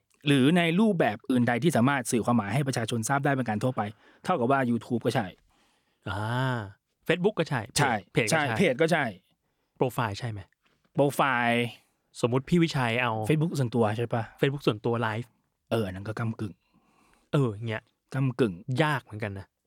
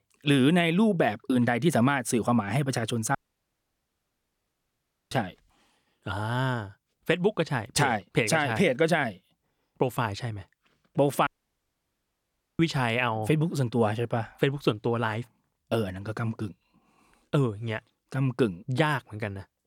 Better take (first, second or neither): first